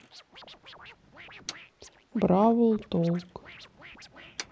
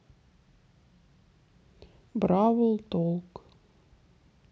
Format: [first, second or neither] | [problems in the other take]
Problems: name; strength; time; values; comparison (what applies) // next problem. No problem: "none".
second | noise reduction (neural mask model Resemble Enhance denoiser)